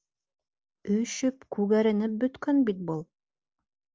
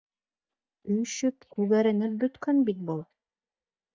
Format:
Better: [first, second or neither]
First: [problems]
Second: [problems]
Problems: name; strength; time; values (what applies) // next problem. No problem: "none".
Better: first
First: none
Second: noise reduction (neural mask model DeepFilterNet 3)